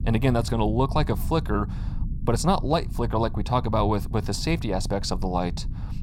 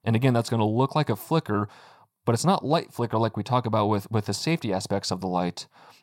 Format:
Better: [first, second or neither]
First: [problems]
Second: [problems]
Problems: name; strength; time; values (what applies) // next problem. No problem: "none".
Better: second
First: low rumble; noticeable; throughout; 20 dB below the speech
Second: none